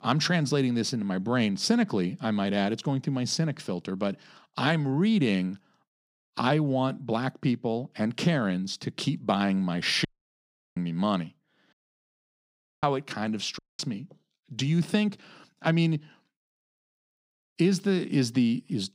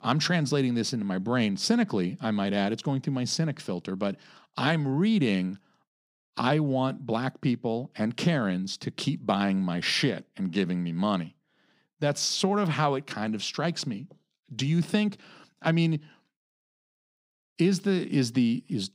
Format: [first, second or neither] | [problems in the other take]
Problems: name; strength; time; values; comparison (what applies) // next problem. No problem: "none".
second | audio cutting out; at 10 s for 0.5 s, at 12 s for 1 s and at 14 s